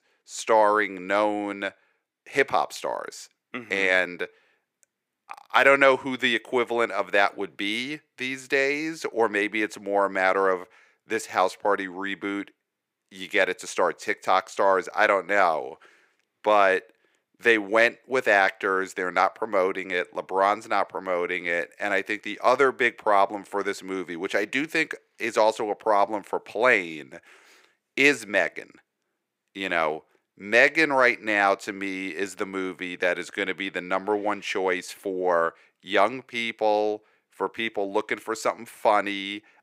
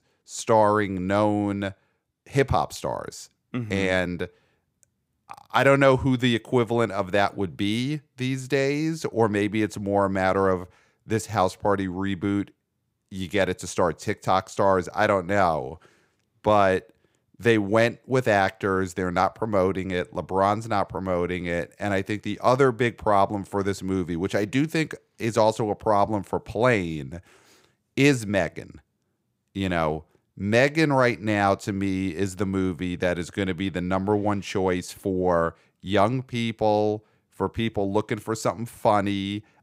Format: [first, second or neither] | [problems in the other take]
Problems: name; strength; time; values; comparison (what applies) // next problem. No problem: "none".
second | thin; somewhat; fading below 400 Hz